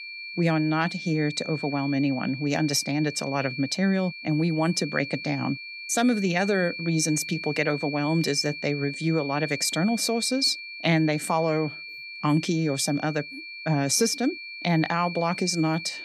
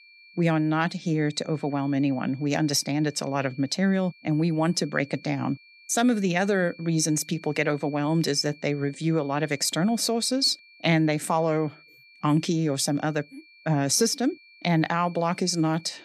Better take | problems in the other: second | high-pitched whine; loud; throughout; 2.5 kHz, 10 dB below the speech; faint in the second

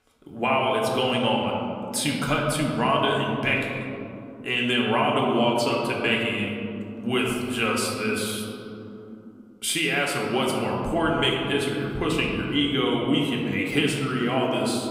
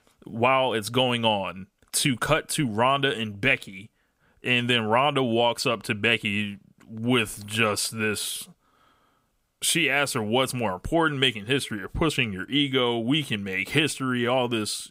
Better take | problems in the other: second | room echo; noticeable; dies away in 2.8 s // off-mic speech; somewhat distant

